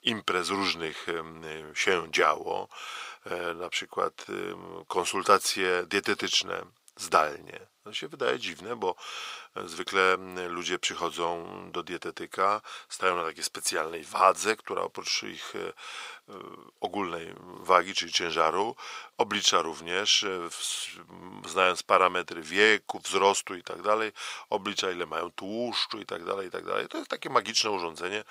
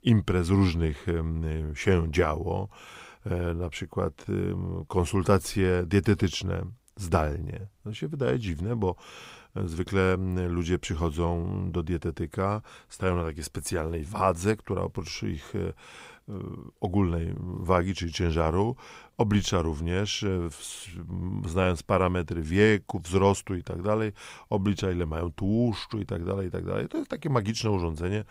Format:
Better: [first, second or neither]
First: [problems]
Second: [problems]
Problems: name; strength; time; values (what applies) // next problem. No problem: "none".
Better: second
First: thin; very; fading below 550 Hz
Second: none